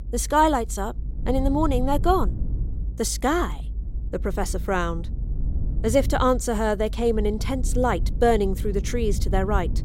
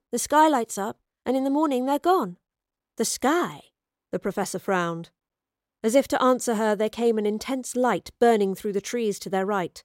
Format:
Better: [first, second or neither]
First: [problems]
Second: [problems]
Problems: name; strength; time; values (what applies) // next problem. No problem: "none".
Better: second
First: low rumble; faint; throughout; 20 dB below the speech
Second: none